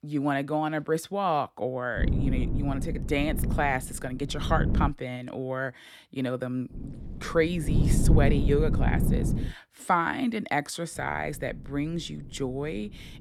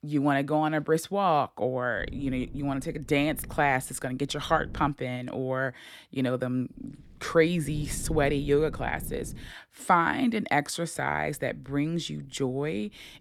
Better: second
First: wind noise on the microphone; heavy; from 2 to 5 s, from 6.5 to 9.5 s and from 11 s on; 8 dB below the speech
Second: wind noise on the microphone; occasional gusts; from 2 to 5 s, from 6.5 to 9.5 s and from 11 s on; 25 dB below the speech

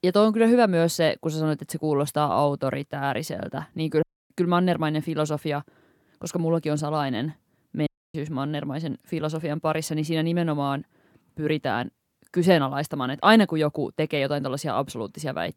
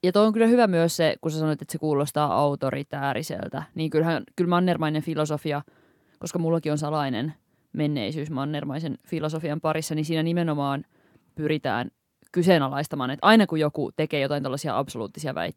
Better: second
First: audio cutting out; at 4 s and at 8 s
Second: none

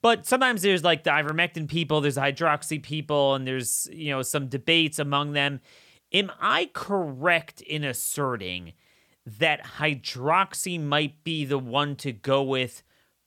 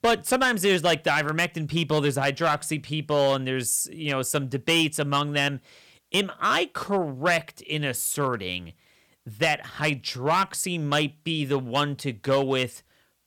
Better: first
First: none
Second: distortion; slight; 3% of the sound clipped

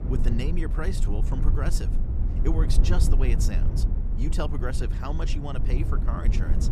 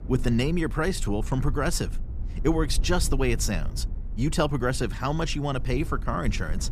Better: second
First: low rumble; loud; throughout; 6 dB below the speech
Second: low rumble; faint; throughout; 20 dB below the speech

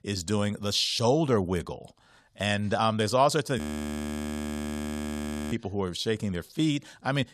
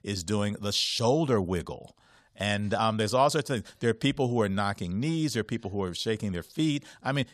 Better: second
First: audio freezing; at 3.5 s for 2 s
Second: none

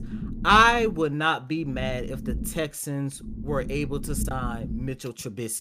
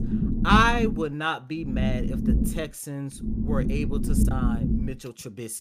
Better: first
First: low rumble; faint; at the start, at 1.5 s and from 3 to 5 s; 20 dB below the speech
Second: low rumble; loud; at the start, at 1.5 s and from 3 to 5 s; 9 dB below the speech

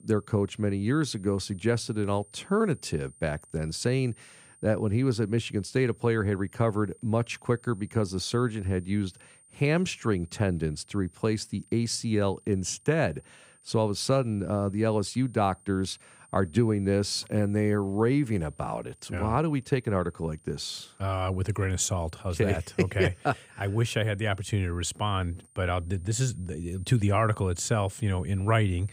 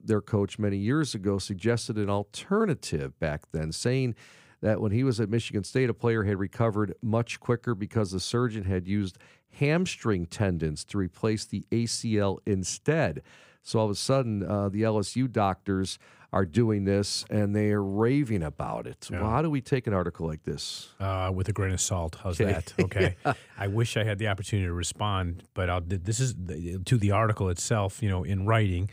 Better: second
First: high-pitched whine; faint; throughout; 9 kHz, 25 dB below the speech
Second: none

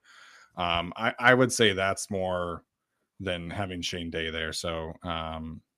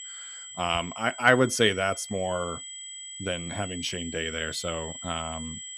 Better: first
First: none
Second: high-pitched whine; noticeable; throughout; 8 kHz, 10 dB below the speech

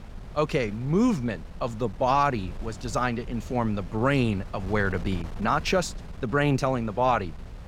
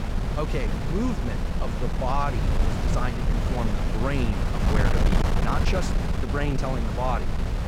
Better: first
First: wind noise on the microphone; occasional gusts; 20 dB below the speech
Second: wind noise on the microphone; heavy; 2 dB below the speech

